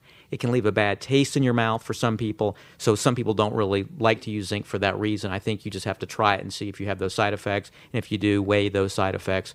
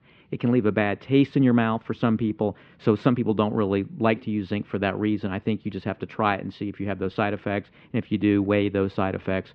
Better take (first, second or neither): first